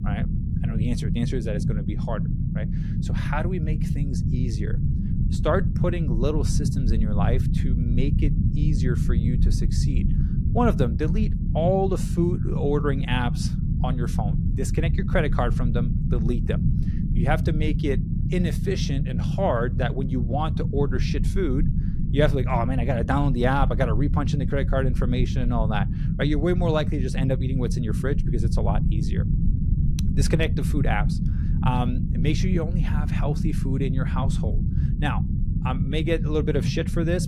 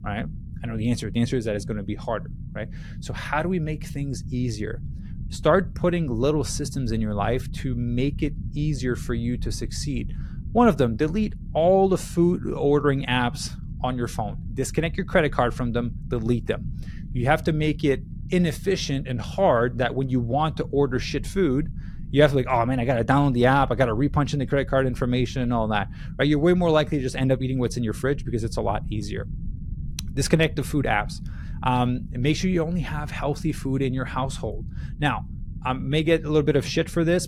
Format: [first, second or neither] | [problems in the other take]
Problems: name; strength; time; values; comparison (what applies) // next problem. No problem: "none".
second | low rumble; loud; throughout; 7 dB below the speech; faint in the second